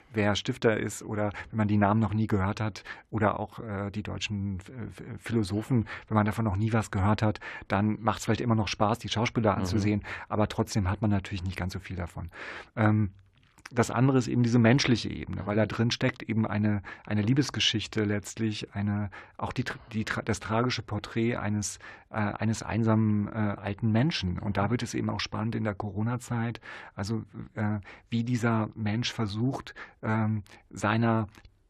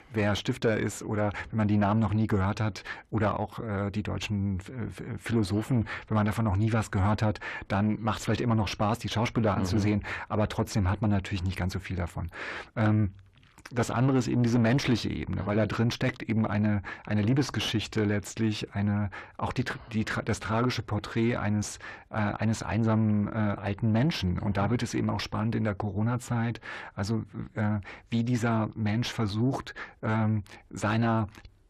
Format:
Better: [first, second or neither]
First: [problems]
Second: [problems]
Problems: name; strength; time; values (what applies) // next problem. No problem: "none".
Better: first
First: none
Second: distortion; slight; 10 dB below the speech